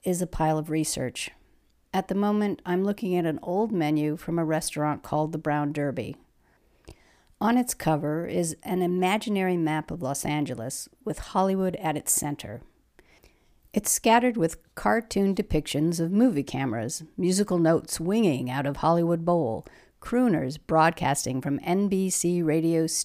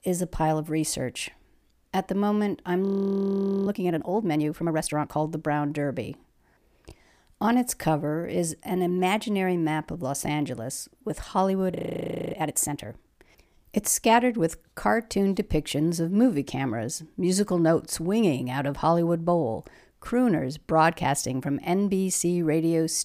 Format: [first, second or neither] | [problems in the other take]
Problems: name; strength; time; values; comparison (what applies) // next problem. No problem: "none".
first | audio freezing; at 3 s for 1 s and at 12 s for 0.5 s